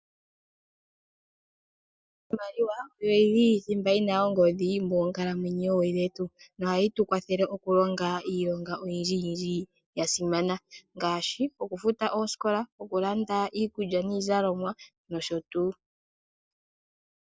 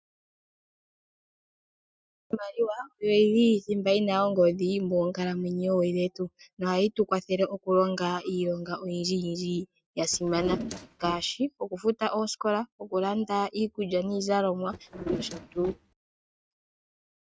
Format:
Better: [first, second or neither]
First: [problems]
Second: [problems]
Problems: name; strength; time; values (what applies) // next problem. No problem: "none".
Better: first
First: none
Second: noise reduction (neural mask model RNNoise)